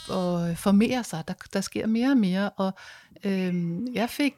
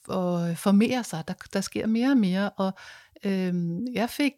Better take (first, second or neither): second